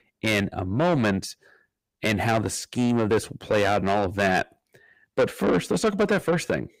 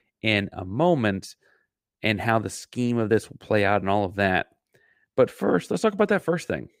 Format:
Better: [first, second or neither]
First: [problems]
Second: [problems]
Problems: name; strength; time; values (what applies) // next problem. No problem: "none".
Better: second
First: distortion; heavy; 7 dB below the speech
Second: none